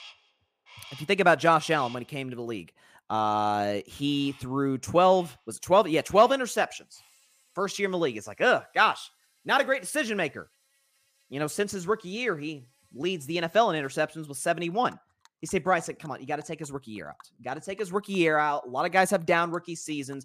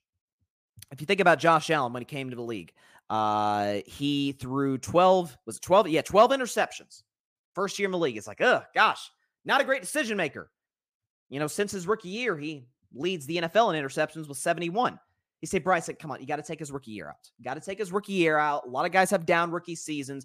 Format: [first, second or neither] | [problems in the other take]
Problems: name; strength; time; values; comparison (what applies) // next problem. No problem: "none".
second | animal sounds; faint; throughout; 30 dB below the speech